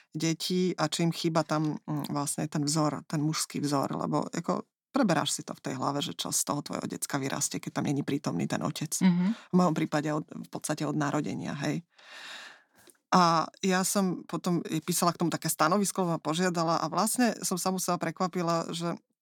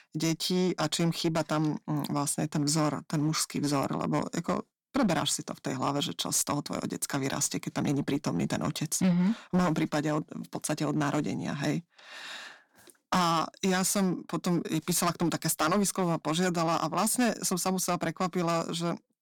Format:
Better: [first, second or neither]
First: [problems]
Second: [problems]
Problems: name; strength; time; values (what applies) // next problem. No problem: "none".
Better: first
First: none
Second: distortion; slight; 6% of the sound clipped